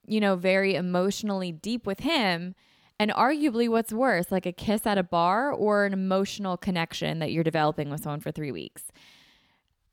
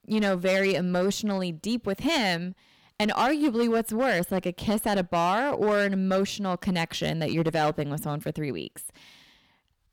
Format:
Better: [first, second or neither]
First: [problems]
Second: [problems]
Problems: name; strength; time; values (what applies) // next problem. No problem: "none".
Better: first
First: none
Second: distortion; slight; 7% of the sound clipped